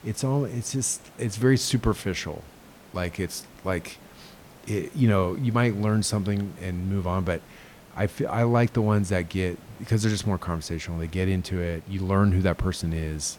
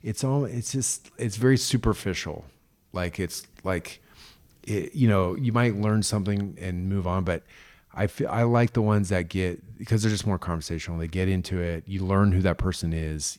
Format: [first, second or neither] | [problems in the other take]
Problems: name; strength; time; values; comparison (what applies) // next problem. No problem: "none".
second | hiss; faint; throughout; 25 dB below the speech